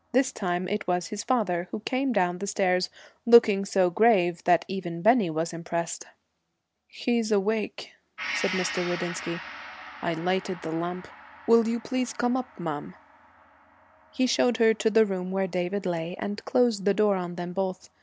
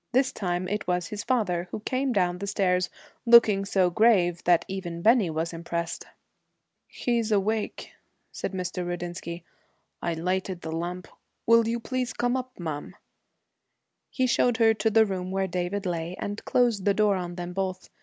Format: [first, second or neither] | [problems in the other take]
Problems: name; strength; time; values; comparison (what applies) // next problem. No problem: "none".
second | background sound (Gong); 17 dB below the speech